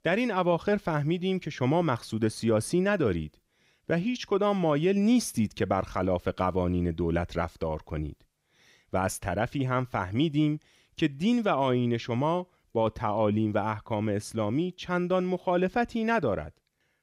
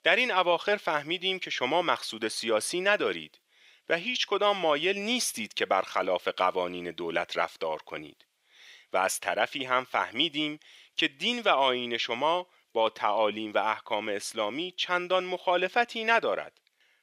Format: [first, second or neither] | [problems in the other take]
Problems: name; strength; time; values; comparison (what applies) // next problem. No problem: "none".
first | thin; very; fading below 550 Hz